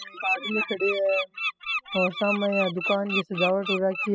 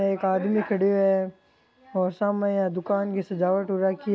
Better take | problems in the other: second | noise reduction (classical method spectral subtraction)

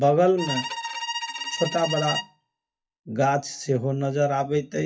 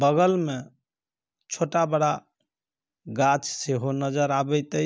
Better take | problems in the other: second | noise reduction (classical method WPE with log-MMSE)

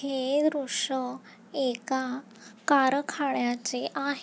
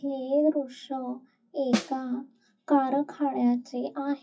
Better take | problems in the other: first | noise reduction (classical method WPE with log-MMSE)

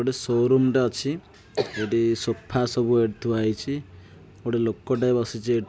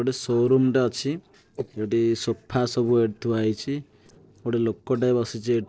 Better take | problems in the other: first | noise reduction (neural separator model SepFormer DNS4)

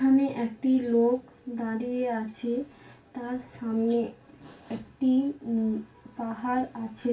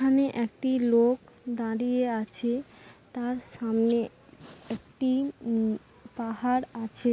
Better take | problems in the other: second | room echo; dies away in 0.2 s

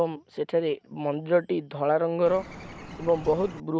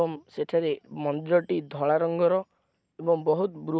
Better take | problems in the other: second | background sound (Bird); 14 dB below the speech

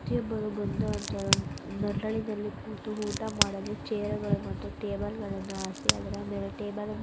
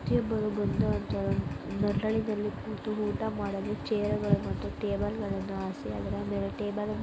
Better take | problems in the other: second | background sound (Crack); 3 dB below the speech

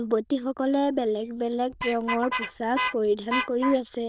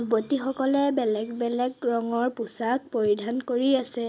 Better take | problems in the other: second | noise reduction (neural diffusion model UNIVERSE++)

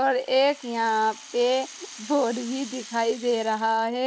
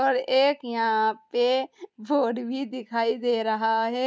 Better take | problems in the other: second | background sound (Rattle (instrument)); 18 dB below the speech

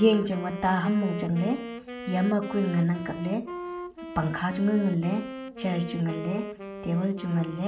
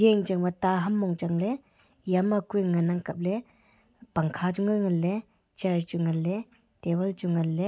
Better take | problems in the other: second | background sound (Wind instrument, woodwind instrument); 11 dB below the speech // room echo; dies away in 0.4 s

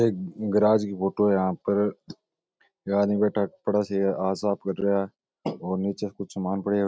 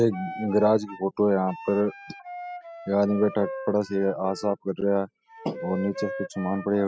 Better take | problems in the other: first | noise reduction (classical method spectral subtraction)

